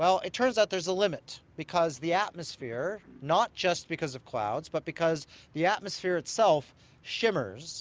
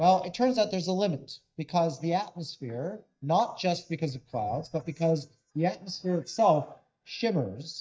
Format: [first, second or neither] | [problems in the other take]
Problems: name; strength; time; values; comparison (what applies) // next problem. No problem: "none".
first | noise reduction (neural mask model DeepFilterNet 3)